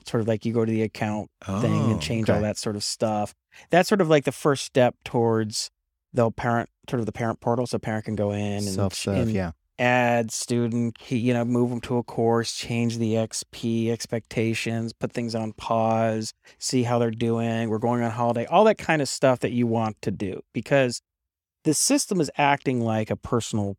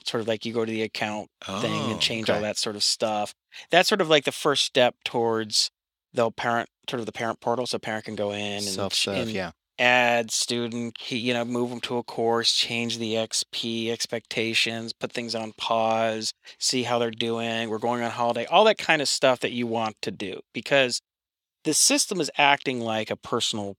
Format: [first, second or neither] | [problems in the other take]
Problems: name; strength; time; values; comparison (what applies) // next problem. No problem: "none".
first | thin; very slightly; fading below 450 Hz